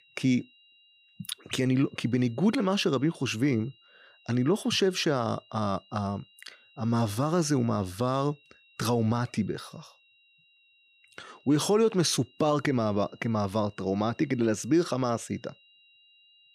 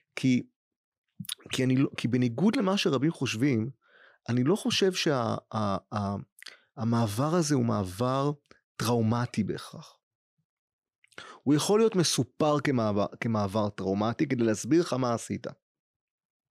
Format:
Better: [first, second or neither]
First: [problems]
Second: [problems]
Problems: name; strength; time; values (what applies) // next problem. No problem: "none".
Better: second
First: high-pitched whine; faint; throughout; 3 kHz, 30 dB below the speech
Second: none